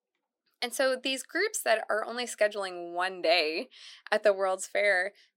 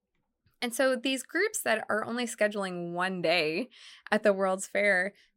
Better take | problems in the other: second | thin; somewhat; fading below 300 Hz

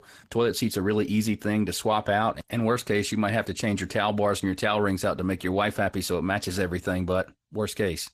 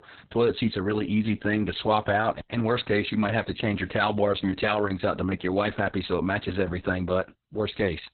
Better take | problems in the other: first | garbled, watery; badly; nothing above 4 kHz; slightly in the first

